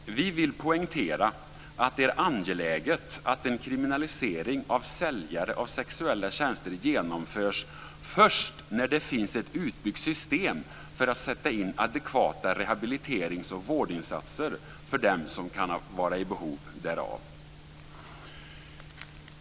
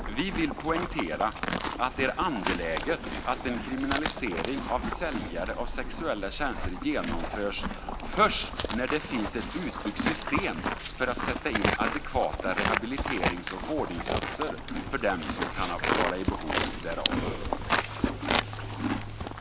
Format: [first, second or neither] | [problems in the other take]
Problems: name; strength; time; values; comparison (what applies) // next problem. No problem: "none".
first | background sound (Livestock, farm animals, working animals); as loud as the speech